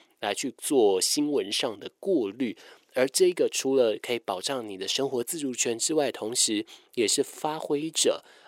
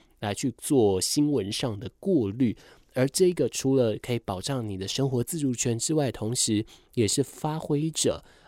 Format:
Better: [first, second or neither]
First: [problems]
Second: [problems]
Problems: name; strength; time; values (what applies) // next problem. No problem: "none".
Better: second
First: thin; somewhat; fading below 400 Hz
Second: none